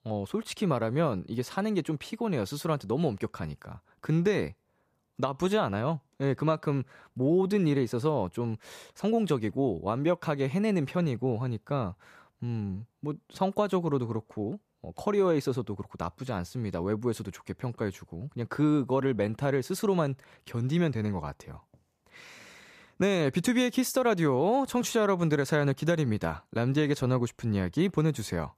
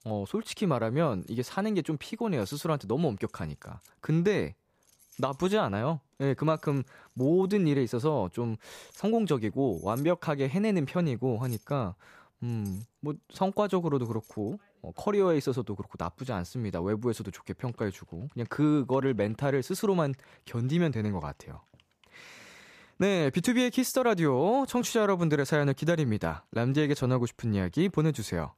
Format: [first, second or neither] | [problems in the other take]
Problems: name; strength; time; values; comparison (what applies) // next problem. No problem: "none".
first | household noises; faint; throughout; 30 dB below the speech